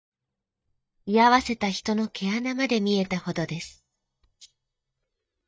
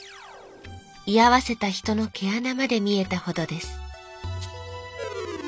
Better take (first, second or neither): second